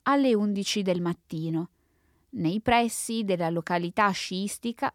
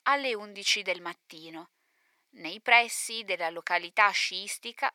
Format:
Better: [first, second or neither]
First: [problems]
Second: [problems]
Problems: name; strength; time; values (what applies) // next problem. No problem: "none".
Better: first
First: none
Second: thin; very; fading below 750 Hz